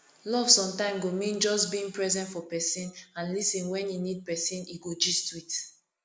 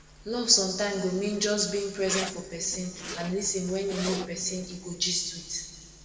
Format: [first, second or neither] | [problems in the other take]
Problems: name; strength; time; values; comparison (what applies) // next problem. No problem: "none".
first | background sound (Zipper (clothing)); 12 dB below the speech // room echo; dies away in 1.8 s